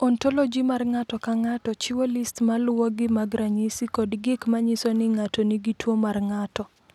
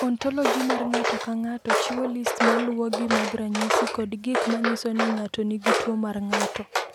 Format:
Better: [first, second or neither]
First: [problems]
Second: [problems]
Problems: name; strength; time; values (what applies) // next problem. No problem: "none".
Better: first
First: none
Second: background sound (Walk, footsteps); as loud as the speech